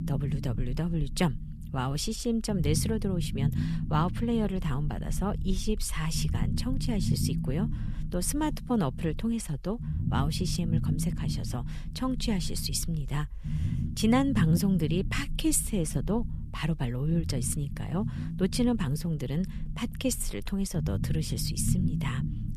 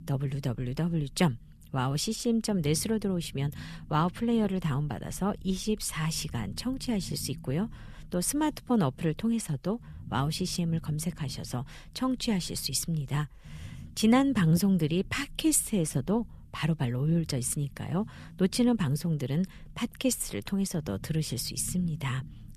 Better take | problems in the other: second | low rumble; loud; throughout; 10 dB below the speech; faint in the second

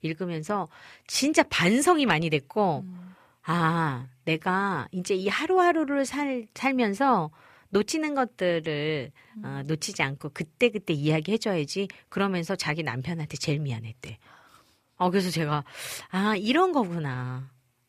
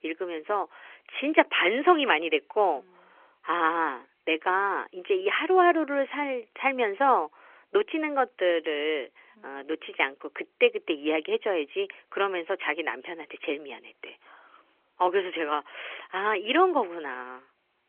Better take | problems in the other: first | phone-call audio; nothing above 3.5 kHz

